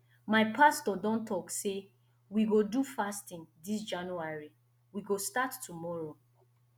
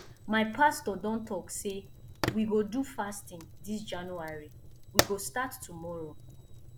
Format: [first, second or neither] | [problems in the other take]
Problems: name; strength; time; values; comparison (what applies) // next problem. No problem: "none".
first | background sound (Fire); 5 dB below the speech